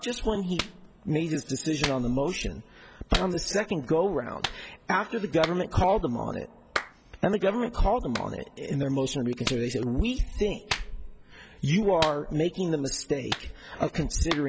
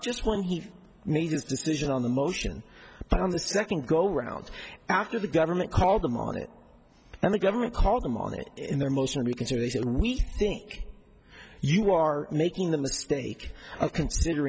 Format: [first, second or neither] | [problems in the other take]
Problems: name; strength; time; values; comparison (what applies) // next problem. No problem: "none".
second | background sound (Clapping); 11 dB below the speech